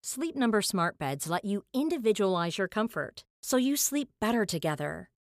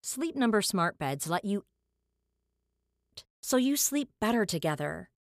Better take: first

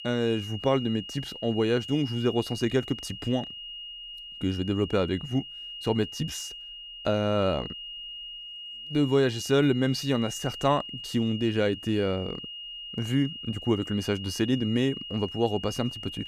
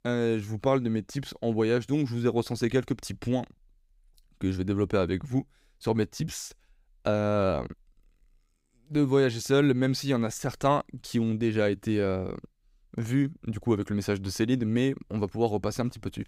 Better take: second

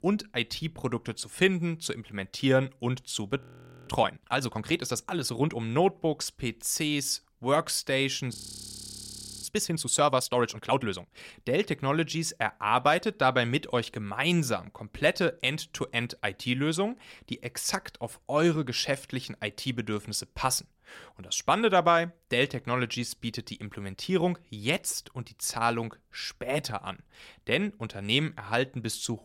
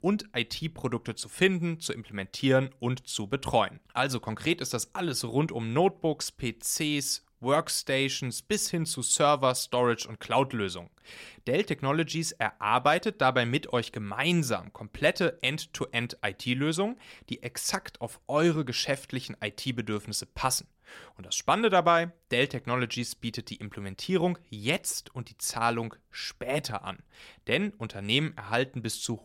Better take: second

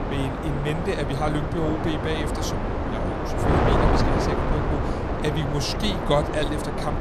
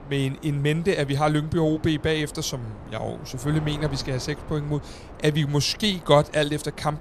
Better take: second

